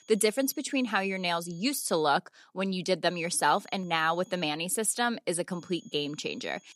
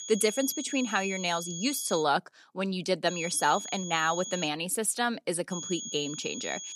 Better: first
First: high-pitched whine; faint; until 2 s, from 3 to 4.5 s and from 5.5 s on; 6.5 kHz, 30 dB below the speech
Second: high-pitched whine; loud; until 2 s, from 3 to 4.5 s and from 5.5 s on; 6.5 kHz, 8 dB below the speech

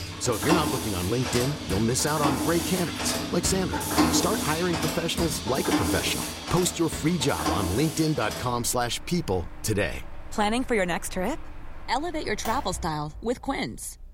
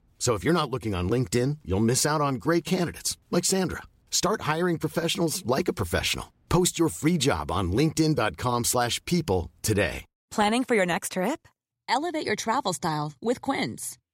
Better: second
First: machinery noise; loud; throughout; 2 dB below the speech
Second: none

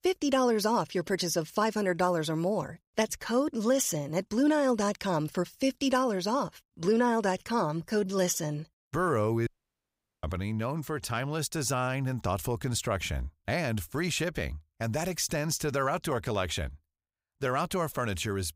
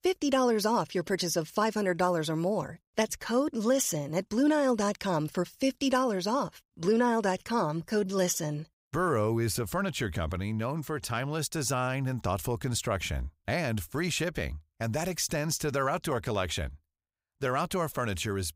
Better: second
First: audio cutting out; at 9.5 s for 1 s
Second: none

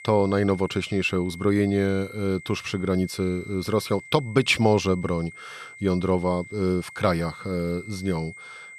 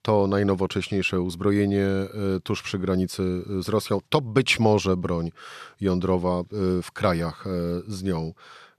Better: second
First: high-pitched whine; noticeable; throughout; 2 kHz, 15 dB below the speech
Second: none

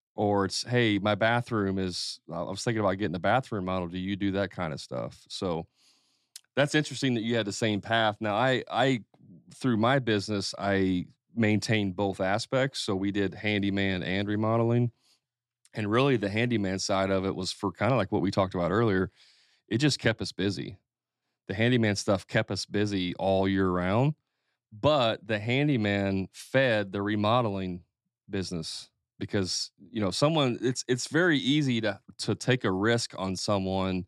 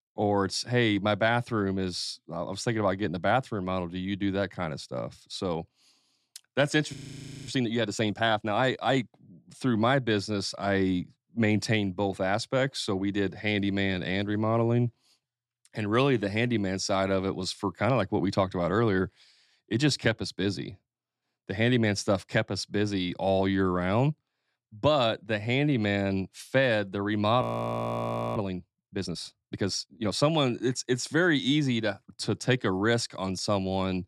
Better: first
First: none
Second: audio freezing; at 7 s for 0.5 s and at 27 s for 1 s

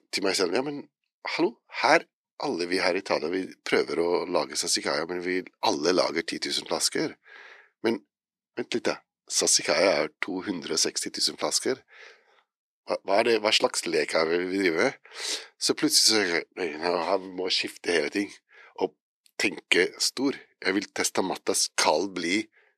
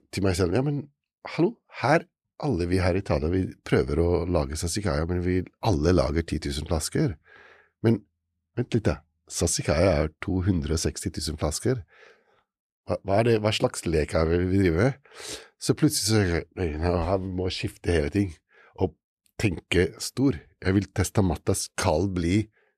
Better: second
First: thin; somewhat; fading below 300 Hz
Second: none

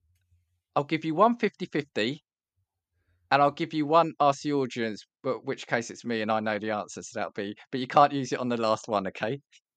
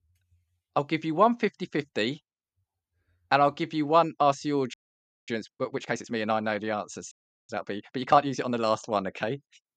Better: first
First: none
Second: audio freezing; at 4.5 s for 0.5 s and at 7 s

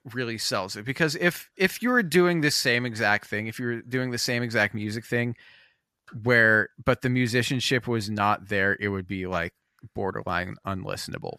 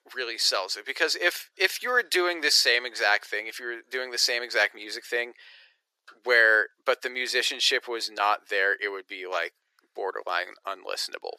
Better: first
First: none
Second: thin; very; fading below 400 Hz

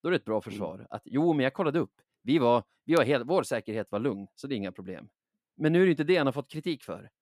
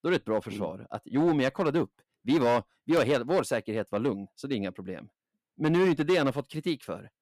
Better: first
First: none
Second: distortion; slight; 5% of the sound clipped

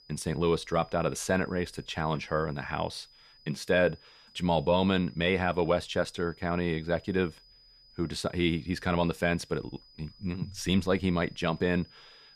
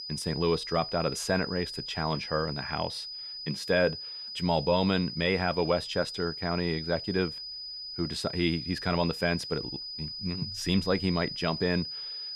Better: first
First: high-pitched whine; faint; throughout; 5 kHz, 25 dB below the speech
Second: high-pitched whine; loud; throughout; 5 kHz, 7 dB below the speech

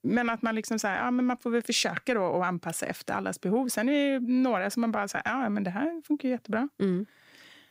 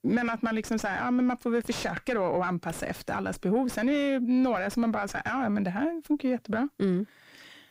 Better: first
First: none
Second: distortion; slight; 10 dB below the speech

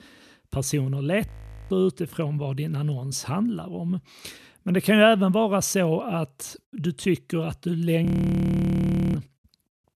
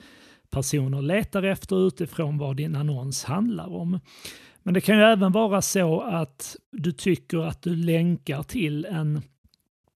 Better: second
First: audio freezing; at 1.5 s and at 8 s for 1 s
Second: none

